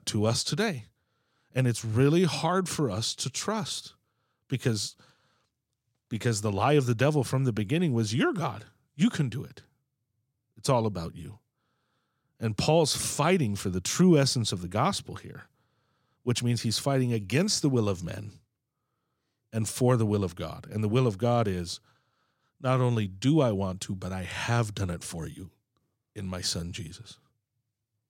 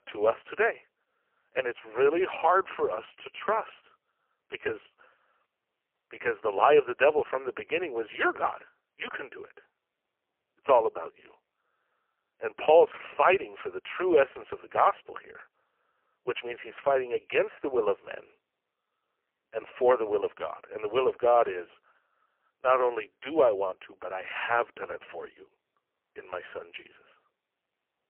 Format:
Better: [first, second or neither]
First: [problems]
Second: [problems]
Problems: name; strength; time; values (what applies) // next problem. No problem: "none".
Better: first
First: none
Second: phone-call audio; poor line; nothing above 3 kHz